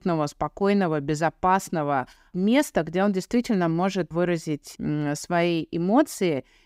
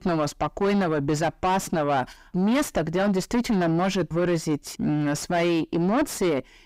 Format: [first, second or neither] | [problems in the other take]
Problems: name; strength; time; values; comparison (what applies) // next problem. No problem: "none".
first | distortion; heavy; 5 dB below the speech